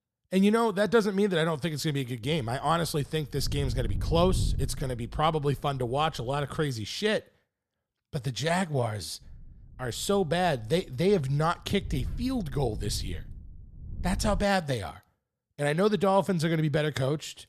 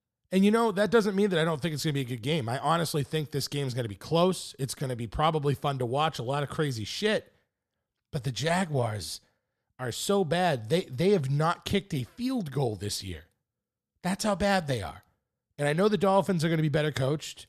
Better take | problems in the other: second | wind noise on the microphone; occasional gusts; from 2 to 6.5 s and from 9 to 14 s; 20 dB below the speech

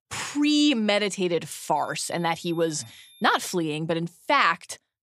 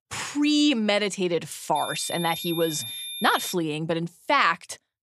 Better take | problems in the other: first | high-pitched whine; loud; from 2 to 3.5 s; 3.5 kHz, 8 dB below the speech; faint in the first

